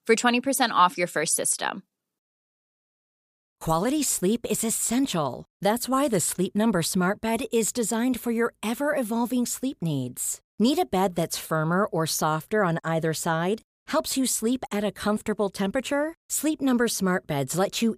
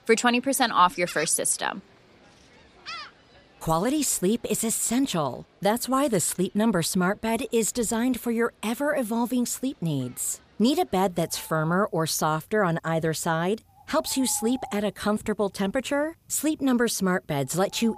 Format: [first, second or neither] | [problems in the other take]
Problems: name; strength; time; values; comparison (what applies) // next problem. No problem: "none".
first | animal sounds; faint; throughout; 20 dB below the speech